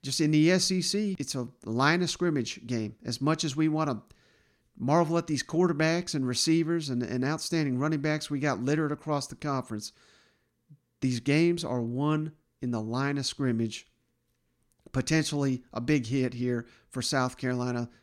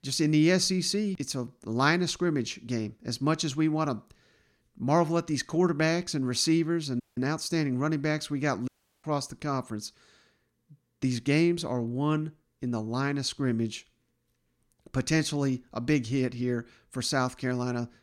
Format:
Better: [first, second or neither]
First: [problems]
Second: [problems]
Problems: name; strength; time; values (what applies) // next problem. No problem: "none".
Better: first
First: none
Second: audio cutting out; at 7 s and at 8.5 s